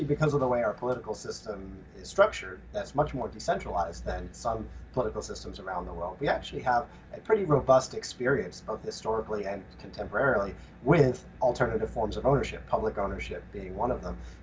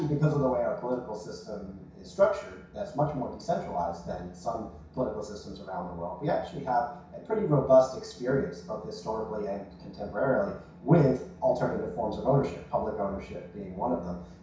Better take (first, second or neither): first